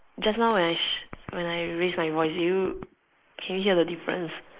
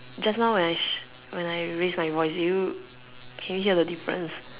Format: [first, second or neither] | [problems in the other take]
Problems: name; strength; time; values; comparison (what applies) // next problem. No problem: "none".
second | noise reduction (neural mask model Resemble Enhance denoiser)